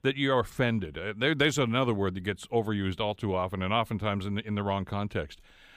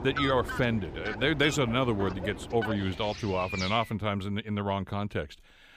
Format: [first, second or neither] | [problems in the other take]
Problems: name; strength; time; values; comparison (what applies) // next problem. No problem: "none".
first | animal sounds; loud; until 4 s; 8 dB below the speech